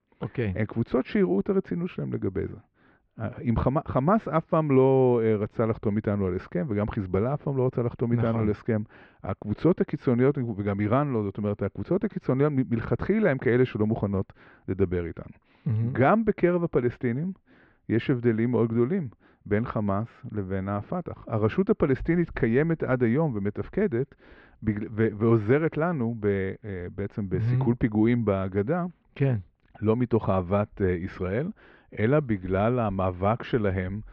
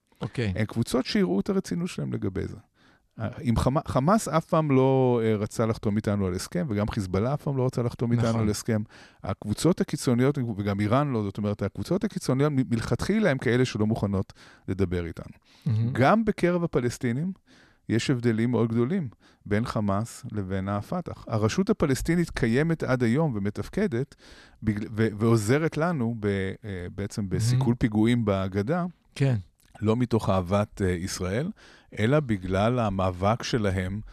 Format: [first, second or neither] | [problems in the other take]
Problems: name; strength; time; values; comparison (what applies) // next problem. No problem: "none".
second | muffled; very; fading above 2.5 kHz